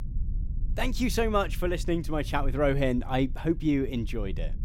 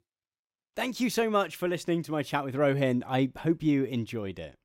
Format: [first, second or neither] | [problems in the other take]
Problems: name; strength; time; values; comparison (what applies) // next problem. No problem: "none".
second | low rumble; faint; throughout; 25 dB below the speech